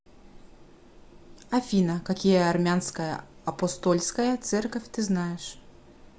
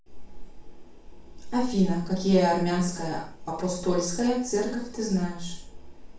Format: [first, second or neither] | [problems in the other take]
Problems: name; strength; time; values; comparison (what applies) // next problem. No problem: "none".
first | room echo; dies away in 0.4 s